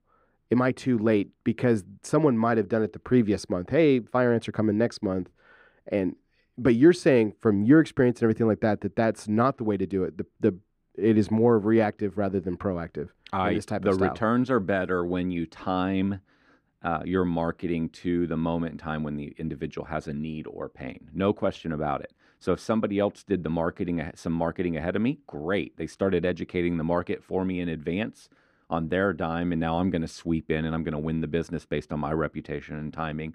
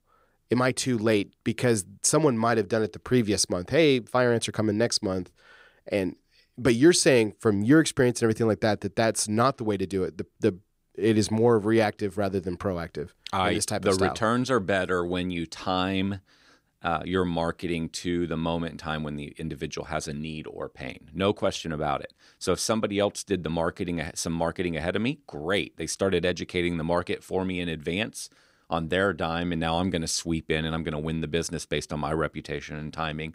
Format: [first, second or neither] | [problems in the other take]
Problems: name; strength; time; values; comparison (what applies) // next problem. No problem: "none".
second | muffled; slightly; fading above 3.5 kHz